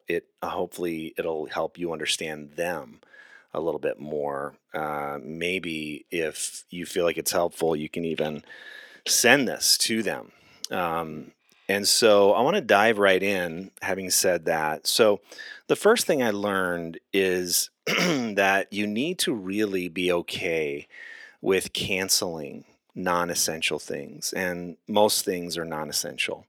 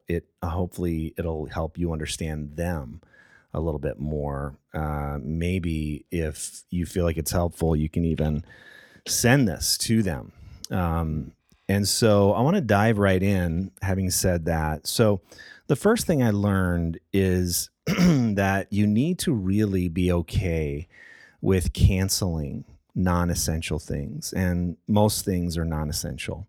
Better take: second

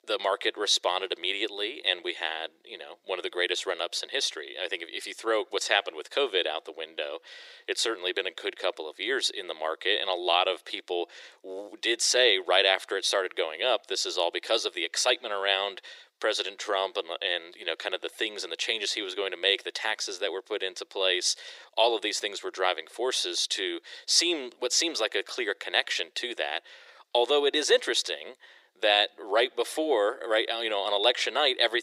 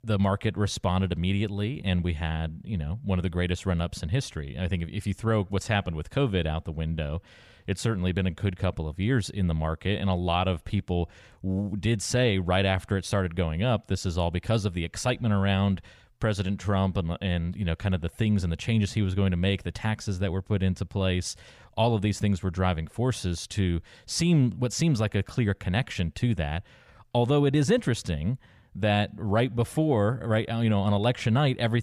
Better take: second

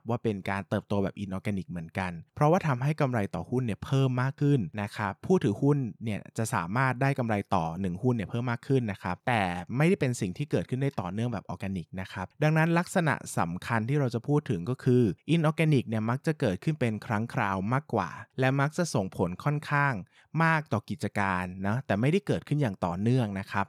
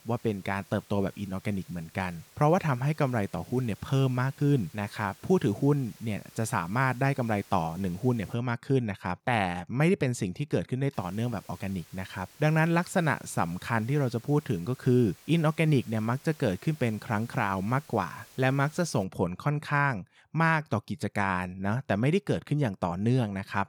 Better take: first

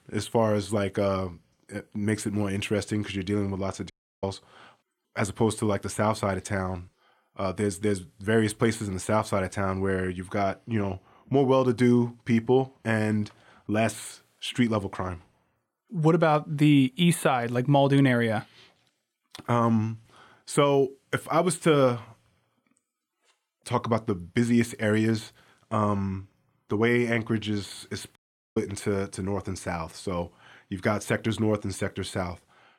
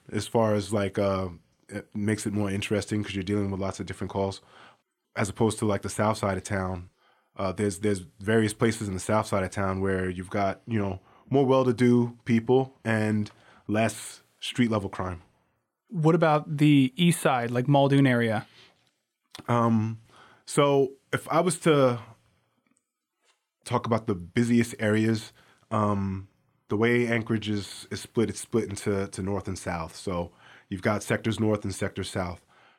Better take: second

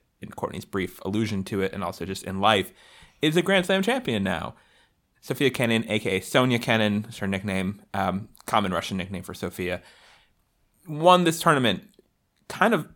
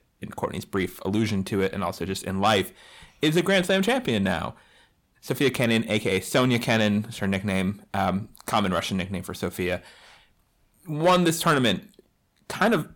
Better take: first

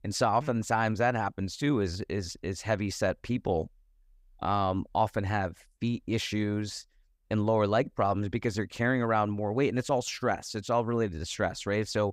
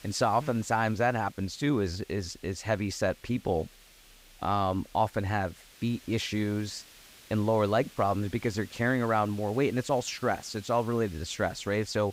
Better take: first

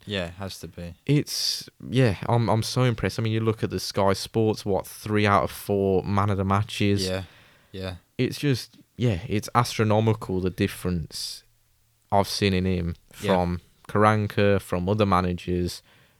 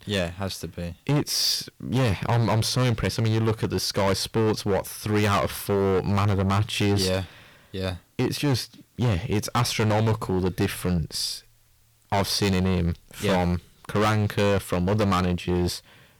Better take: first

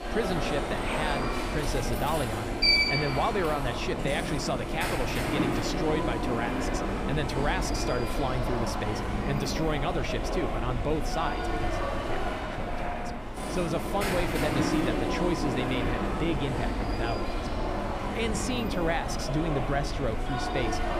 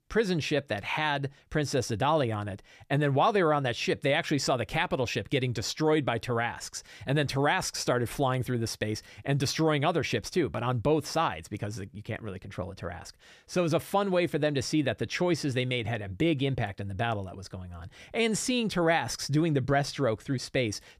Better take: second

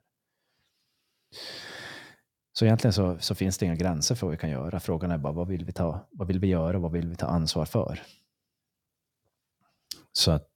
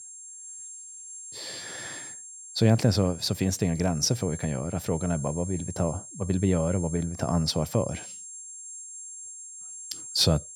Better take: first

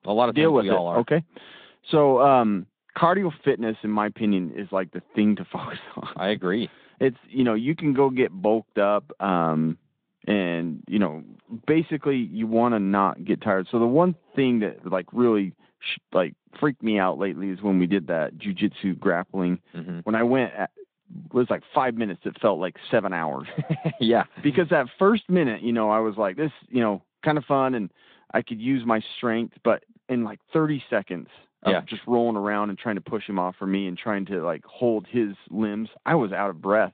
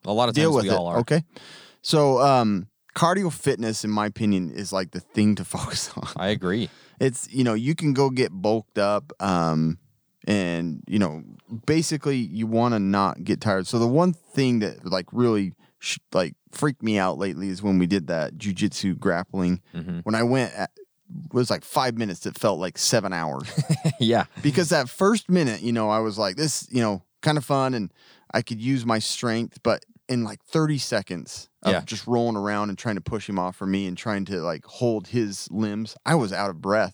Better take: second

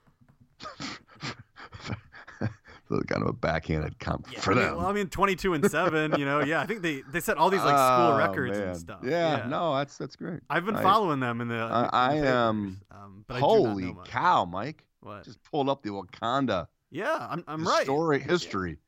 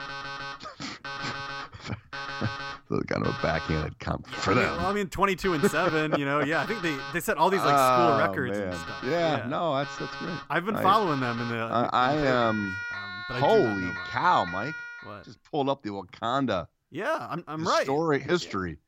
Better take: first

